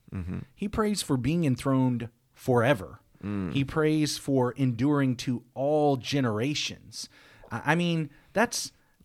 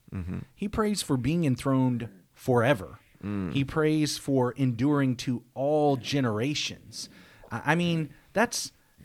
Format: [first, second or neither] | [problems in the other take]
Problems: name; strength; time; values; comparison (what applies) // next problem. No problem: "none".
first | hiss; faint; throughout; 25 dB below the speech